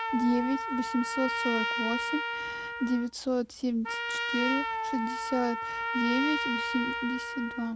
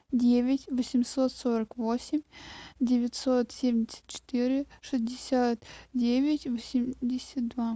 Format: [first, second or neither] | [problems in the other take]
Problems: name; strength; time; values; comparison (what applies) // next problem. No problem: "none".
second | background sound (Trumpet); 2 dB below the speech